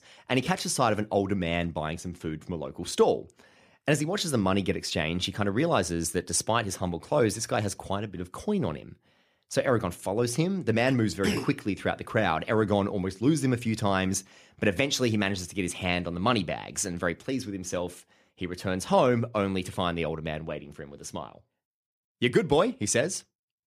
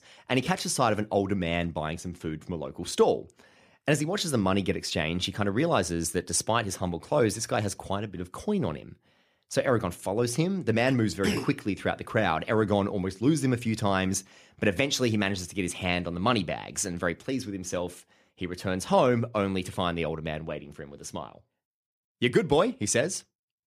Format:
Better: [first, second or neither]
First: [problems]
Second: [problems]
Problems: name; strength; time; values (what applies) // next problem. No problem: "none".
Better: neither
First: none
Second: none